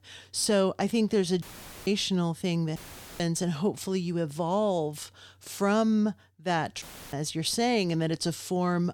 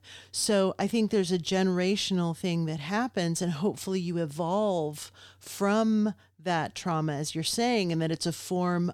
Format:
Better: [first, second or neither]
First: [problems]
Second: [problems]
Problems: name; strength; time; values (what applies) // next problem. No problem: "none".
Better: second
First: audio cutting out; filled with static; at 1.5 s, at 3 s and at 7 s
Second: none